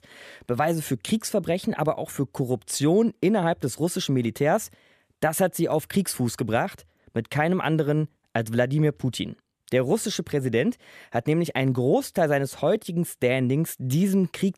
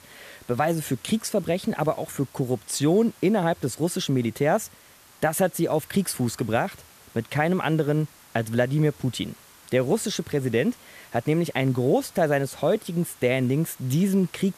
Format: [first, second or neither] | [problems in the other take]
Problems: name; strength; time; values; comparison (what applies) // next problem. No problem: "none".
first | hiss; faint; throughout; 25 dB below the speech